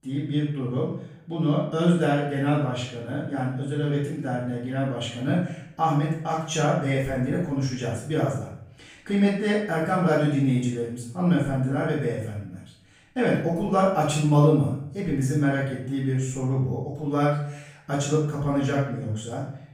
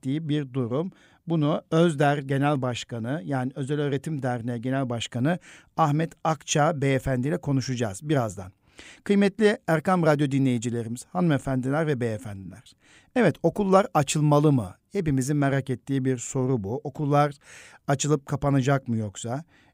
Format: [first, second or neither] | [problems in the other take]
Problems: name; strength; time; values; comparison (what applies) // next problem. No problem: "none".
second | room echo; noticeable; dies away in 0.6 s // off-mic speech; far